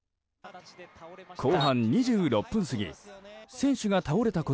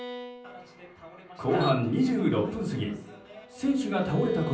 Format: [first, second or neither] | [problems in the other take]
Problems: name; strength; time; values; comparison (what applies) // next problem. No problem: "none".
first | background sound (Bowed string instrument); 16 dB below the speech // room echo; dies away in 0.6 s